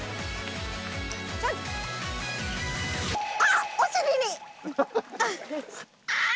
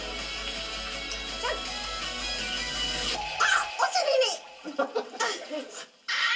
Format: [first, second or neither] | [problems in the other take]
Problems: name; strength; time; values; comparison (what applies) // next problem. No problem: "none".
first | room echo; dies away in 0.2 s